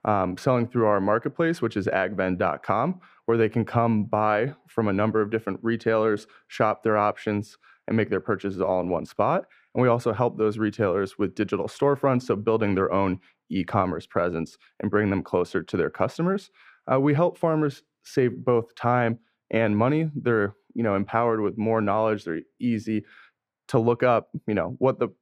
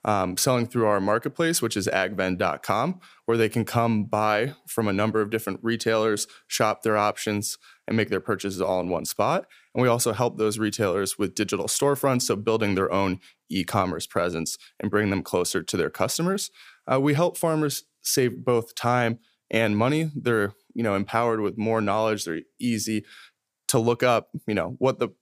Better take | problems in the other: second | muffled; very; fading above 4 kHz

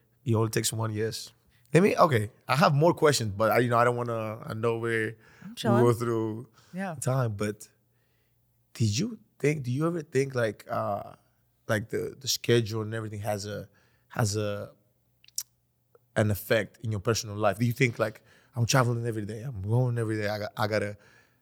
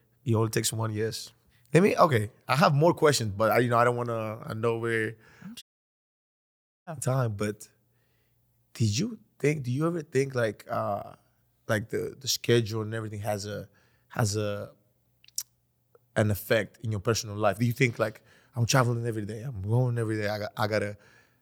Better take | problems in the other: first | audio cutting out; at 5.5 s for 1 s

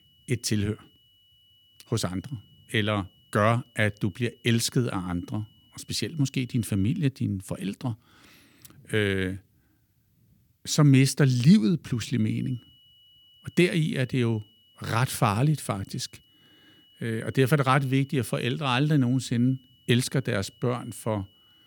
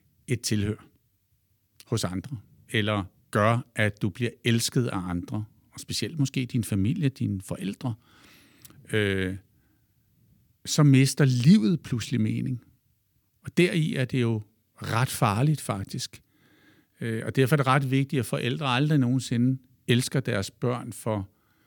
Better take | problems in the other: second | high-pitched whine; faint; until 7 s and from 12 s on; 3 kHz, 30 dB below the speech

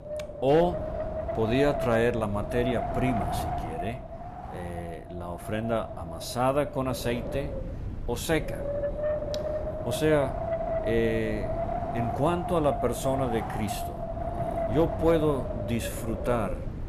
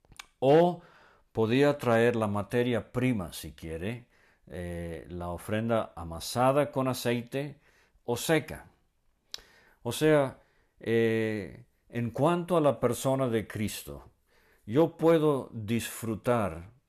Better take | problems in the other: second | wind noise on the microphone; heavy; 4 dB below the speech

